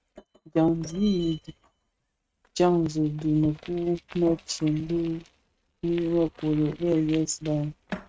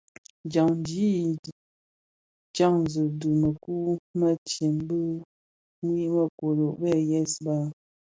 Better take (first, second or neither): second